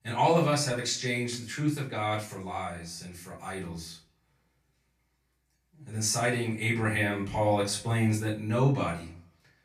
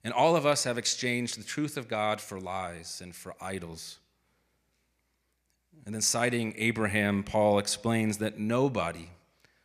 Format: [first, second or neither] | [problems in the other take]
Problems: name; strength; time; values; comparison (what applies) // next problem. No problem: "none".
second | off-mic speech; far // room echo; slight; dies away in 0.3 s